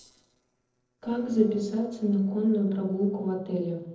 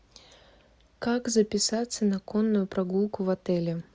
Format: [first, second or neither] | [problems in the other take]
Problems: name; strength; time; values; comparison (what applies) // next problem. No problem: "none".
second | noise reduction (neural separator model SepFormer DNS4)